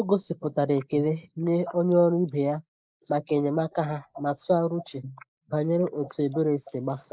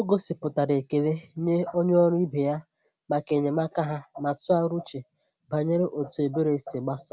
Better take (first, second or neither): second